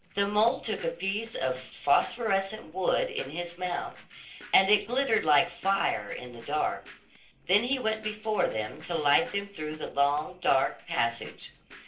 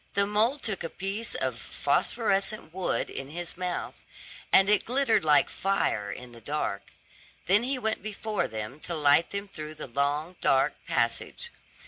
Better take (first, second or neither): second